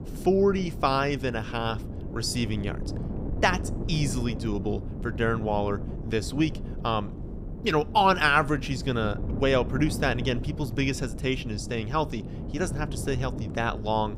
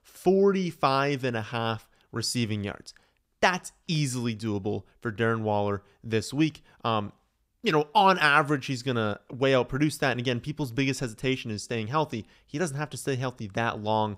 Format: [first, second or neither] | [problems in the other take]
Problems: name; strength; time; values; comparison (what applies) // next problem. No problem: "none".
second | wind noise on the microphone; occasional gusts; 15 dB below the speech